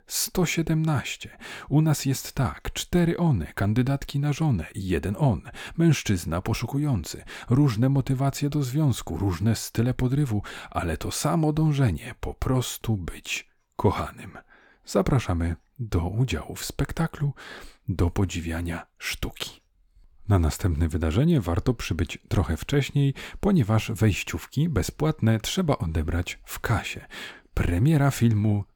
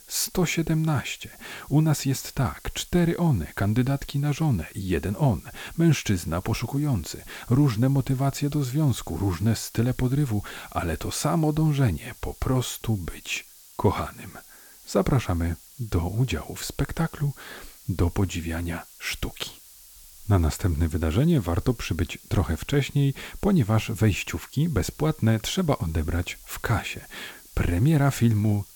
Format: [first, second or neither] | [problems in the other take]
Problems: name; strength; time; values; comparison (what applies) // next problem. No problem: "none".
first | hiss; faint; throughout; 20 dB below the speech